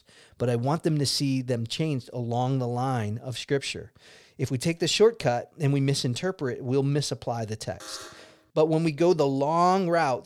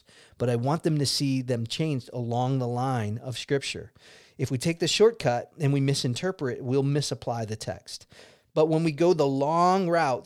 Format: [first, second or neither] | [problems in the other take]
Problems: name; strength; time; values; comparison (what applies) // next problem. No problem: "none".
second | alarm; faint; at 8 s; peak 15 dB below the speech